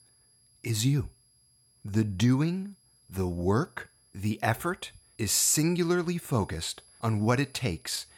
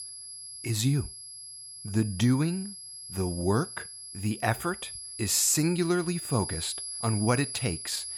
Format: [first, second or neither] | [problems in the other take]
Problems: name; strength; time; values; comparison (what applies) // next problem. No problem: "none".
first | high-pitched whine; loud; throughout; 11 kHz, 9 dB below the speech; faint in the first